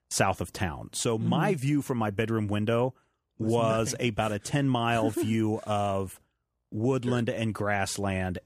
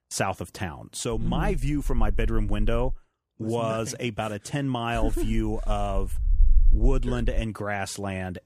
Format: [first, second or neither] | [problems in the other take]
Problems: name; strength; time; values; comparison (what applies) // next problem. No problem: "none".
first | low rumble; faint; from 1 to 3 s and from 5 to 7.5 s; 25 dB below the speech